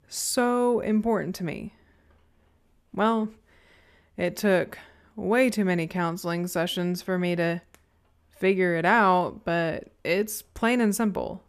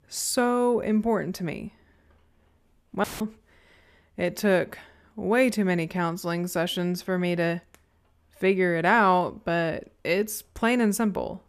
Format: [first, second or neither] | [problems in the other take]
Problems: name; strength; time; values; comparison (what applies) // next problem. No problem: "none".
first | audio cutting out; filled with static; at 3 s